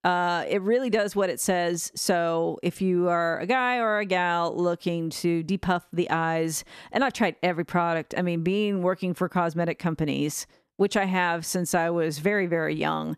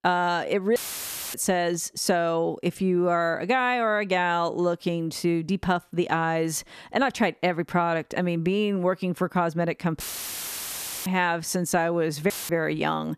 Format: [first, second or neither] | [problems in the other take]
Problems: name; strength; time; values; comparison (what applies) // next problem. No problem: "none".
first | audio cutting out; filled with static; at 1 s for 0.5 s, at 10 s for 1 s and at 12 s